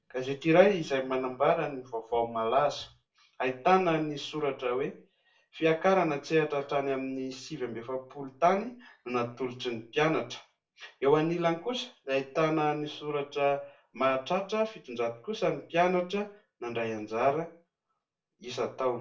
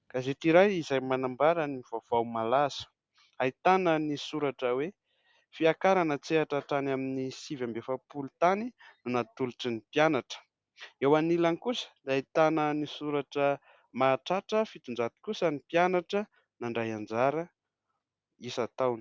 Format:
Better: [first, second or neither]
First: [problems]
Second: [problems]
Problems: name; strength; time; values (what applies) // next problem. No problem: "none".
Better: second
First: room echo; dies away in 0.3 s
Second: none